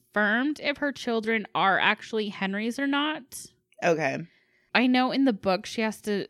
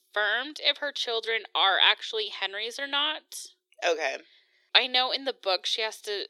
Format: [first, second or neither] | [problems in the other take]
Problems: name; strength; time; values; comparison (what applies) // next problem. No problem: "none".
first | thin; very; fading below 400 Hz